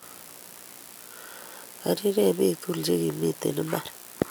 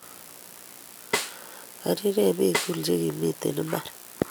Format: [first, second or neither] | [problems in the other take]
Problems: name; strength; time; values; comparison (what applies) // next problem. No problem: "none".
first | background sound (Snare drum); 7 dB below the speech